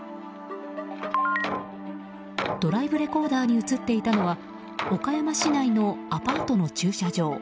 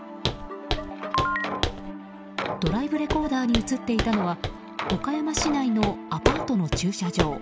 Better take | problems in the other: first | background sound (Walk, footsteps); 5 dB below the speech

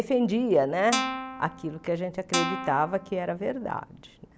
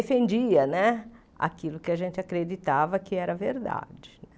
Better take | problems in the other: second | background sound (Guitar); 4 dB below the speech

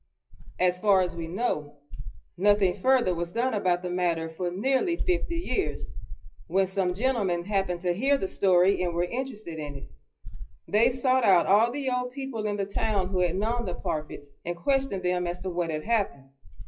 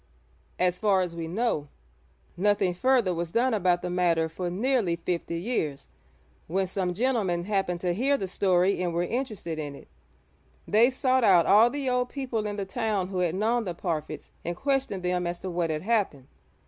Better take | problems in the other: second | noise reduction (classical method WPE with log-MMSE)

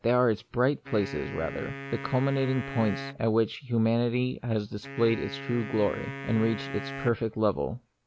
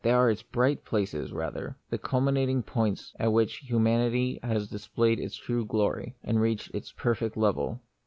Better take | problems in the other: second | background sound (Wind instrument, woodwind instrument); 12 dB below the speech

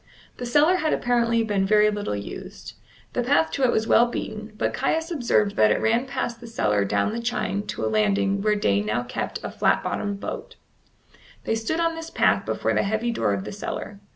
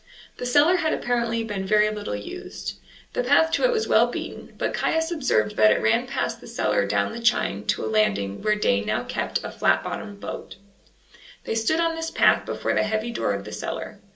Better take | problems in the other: first | room echo; dies away in 0.2 s

